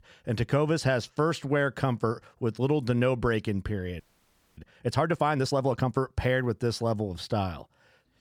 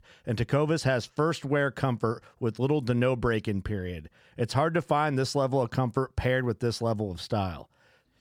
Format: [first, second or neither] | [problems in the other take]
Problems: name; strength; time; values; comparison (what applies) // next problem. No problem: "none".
second | audio freezing; at 4 s for 0.5 s